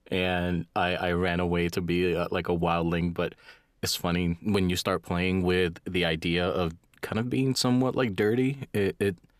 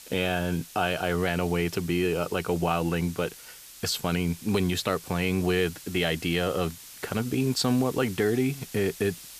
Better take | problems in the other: first | hiss; noticeable; throughout; 15 dB below the speech

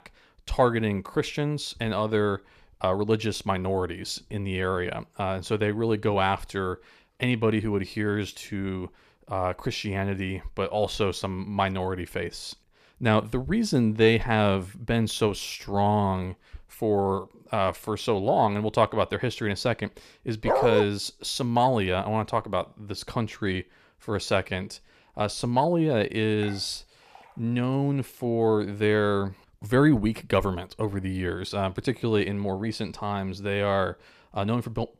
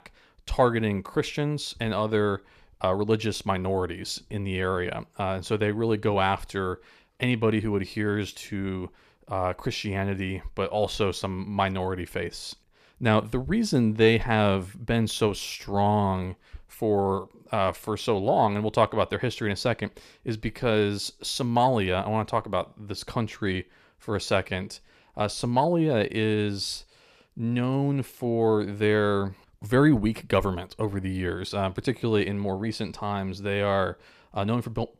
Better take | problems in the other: second | dog barking; loud; at 20 s; peak 3 dB above the speech // clattering dishes; faint; at 26 s; peak 20 dB below the speech

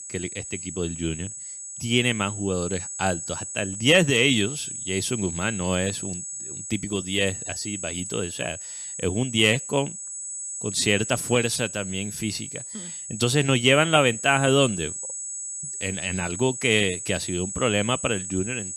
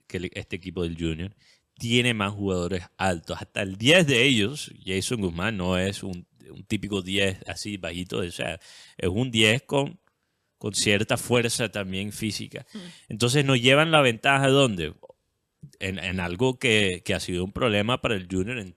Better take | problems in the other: second | high-pitched whine; loud; throughout; 8 kHz, 8 dB below the speech

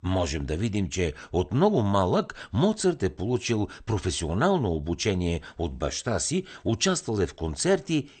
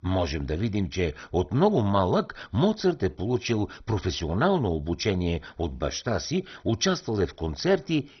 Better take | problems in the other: first | garbled, watery; badly; nothing above 6 kHz; slightly in the first

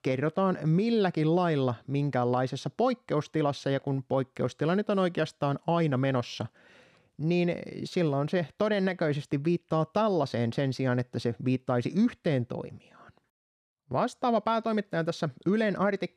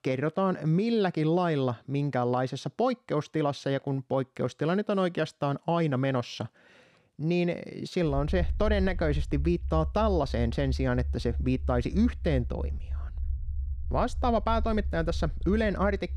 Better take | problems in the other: first | low rumble; faint; from 8 s on; 25 dB below the speech

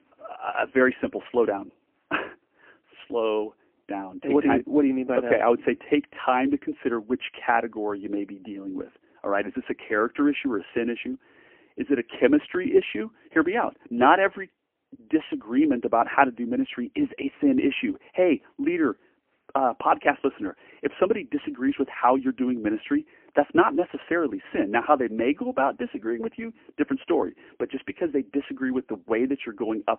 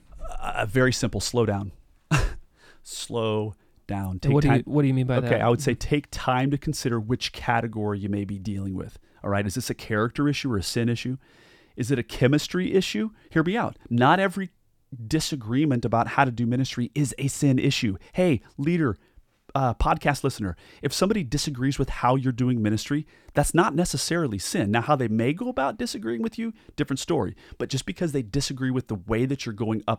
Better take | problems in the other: second | phone-call audio; poor line; nothing above 3 kHz

